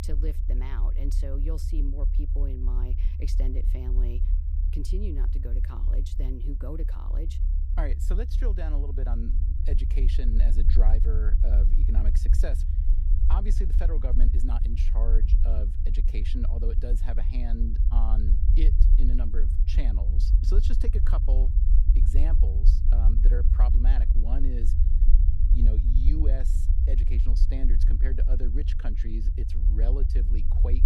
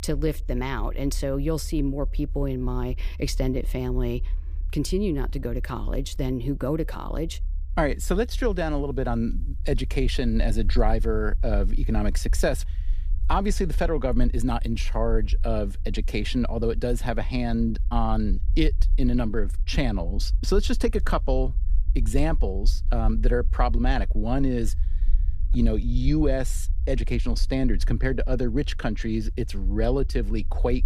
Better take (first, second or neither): second